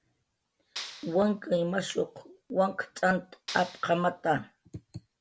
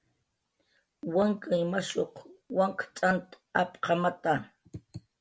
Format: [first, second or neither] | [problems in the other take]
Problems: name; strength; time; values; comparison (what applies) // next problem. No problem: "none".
second | background sound (Clapping); 14 dB below the speech